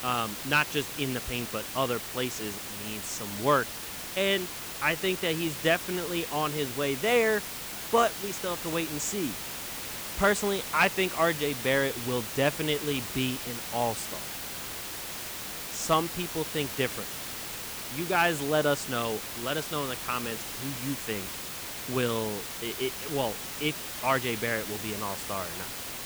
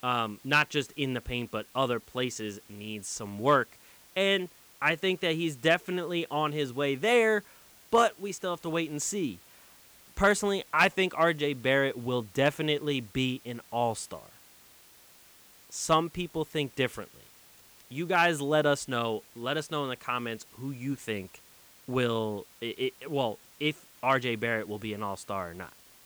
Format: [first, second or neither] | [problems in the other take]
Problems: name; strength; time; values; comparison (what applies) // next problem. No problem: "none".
second | hiss; loud; throughout; 5 dB below the speech; faint in the second